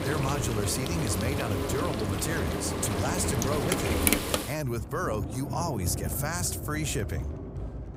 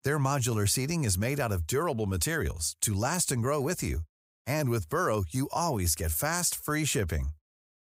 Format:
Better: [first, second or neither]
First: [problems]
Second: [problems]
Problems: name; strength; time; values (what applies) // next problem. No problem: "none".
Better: second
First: household noises; very loud; throughout; as loud as the speech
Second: none